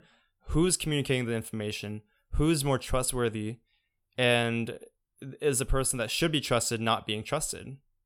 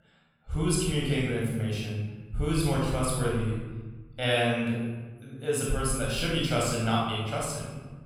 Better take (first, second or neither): first